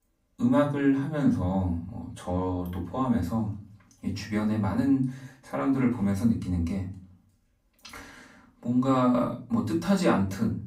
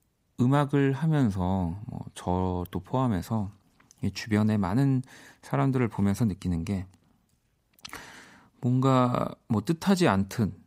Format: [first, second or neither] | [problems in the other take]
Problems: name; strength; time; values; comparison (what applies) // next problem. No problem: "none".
second | off-mic speech; far // room echo; slight; dies away in 0.3 s